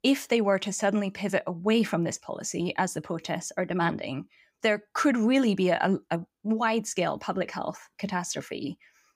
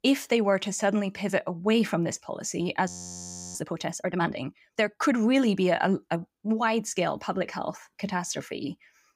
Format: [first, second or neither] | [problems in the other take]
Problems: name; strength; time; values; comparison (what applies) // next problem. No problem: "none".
first | audio freezing; at 3 s for 0.5 s